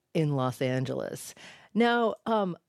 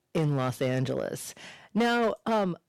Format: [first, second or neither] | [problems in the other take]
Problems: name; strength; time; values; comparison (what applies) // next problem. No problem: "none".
first | distortion; slight; 8% of the sound clipped